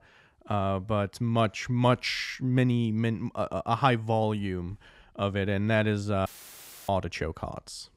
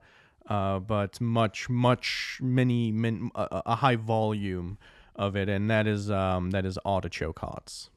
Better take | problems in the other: second | audio cutting out; filled with static; at 6.5 s for 0.5 s

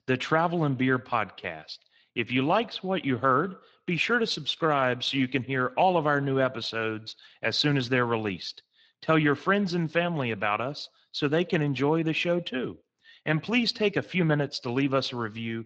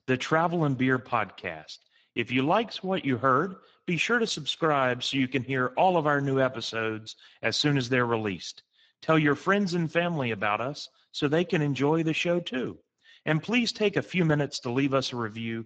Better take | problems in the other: first | garbled, watery; badly; nothing above 7.5 kHz; slightly in the first

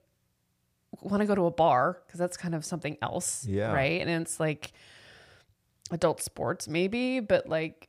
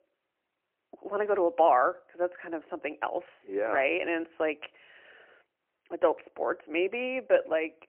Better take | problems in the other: first | phone-call audio; poor line; nothing above 3 kHz

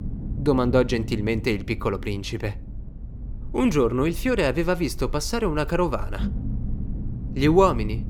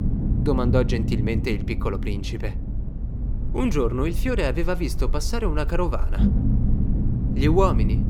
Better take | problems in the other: first | low rumble; loud; throughout; 10 dB below the speech; faint in the first

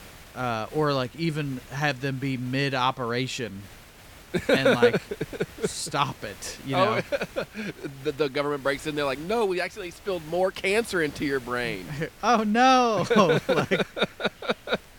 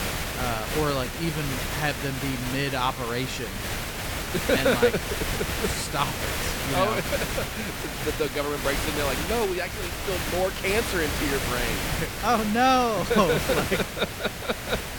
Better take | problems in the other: first | hiss; loud; throughout; 2 dB below the speech; faint in the first

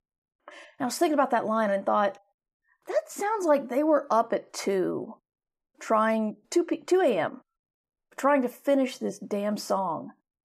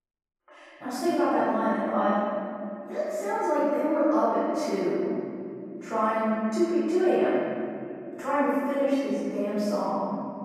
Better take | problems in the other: first | room echo; strong; dies away in 3 s // off-mic speech; far

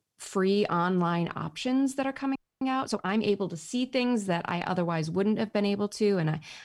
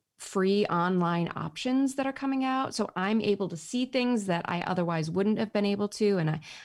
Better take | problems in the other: second | audio freezing; at 2.5 s

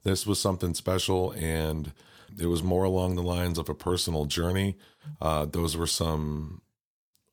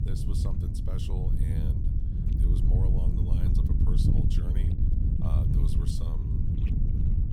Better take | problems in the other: first | wind noise on the microphone; heavy; 5 dB above the speech

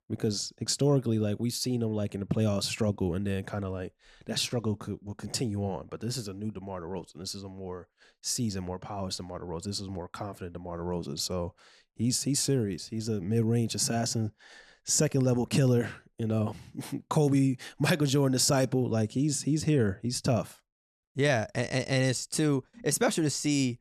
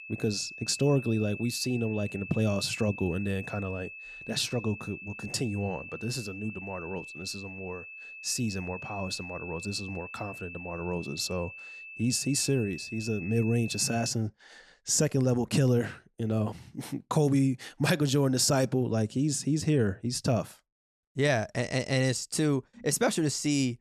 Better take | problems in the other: first | high-pitched whine; noticeable; until 14 s; 2.5 kHz, 10 dB below the speech

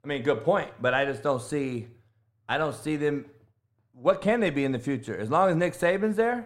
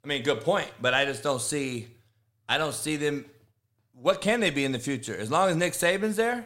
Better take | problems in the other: second | muffled; slightly; fading above 2.5 kHz

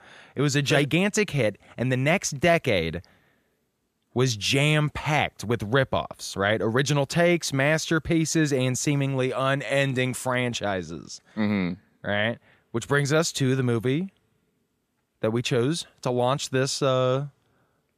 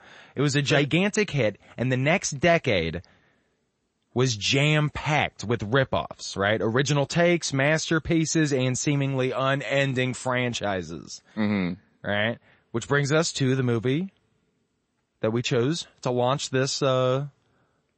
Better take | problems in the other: first | garbled, watery; slightly; nothing above 8 kHz

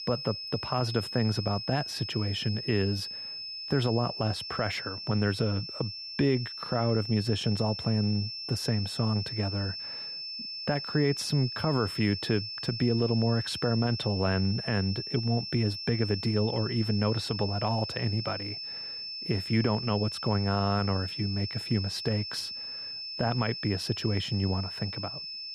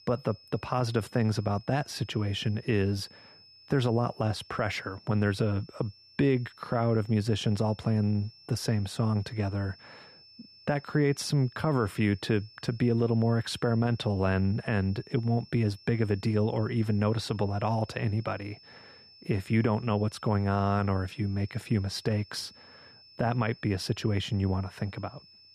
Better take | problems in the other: second | high-pitched whine; loud; throughout; 5.5 kHz, 6 dB below the speech; faint in the second

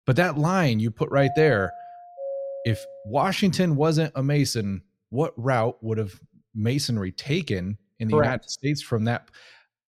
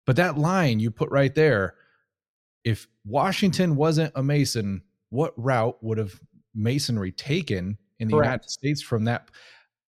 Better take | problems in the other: second | doorbell; noticeable; from 1 to 3 s; peak 8 dB below the speech

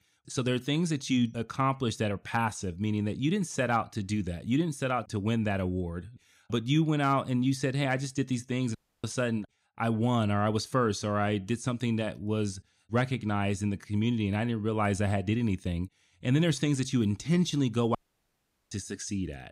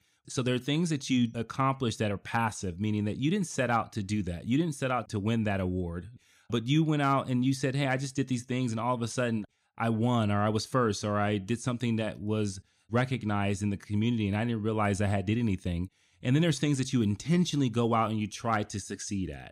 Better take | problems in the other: second | audio cutting out; at 9 s and at 18 s for 1 s

